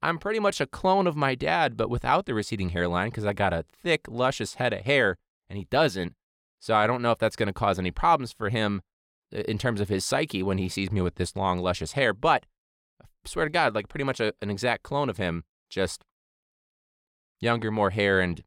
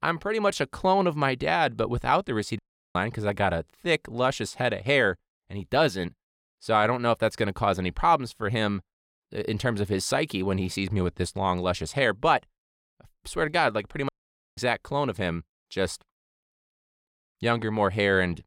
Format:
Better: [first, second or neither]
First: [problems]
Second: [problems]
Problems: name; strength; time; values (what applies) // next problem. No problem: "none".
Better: first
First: none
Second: audio cutting out; at 2.5 s and at 14 s